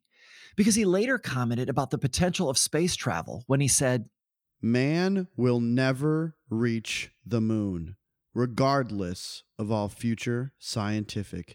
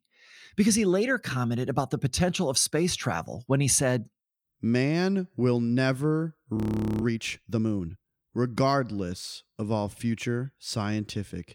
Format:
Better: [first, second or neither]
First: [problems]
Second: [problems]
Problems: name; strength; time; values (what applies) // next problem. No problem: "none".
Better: first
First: none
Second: audio freezing; at 6.5 s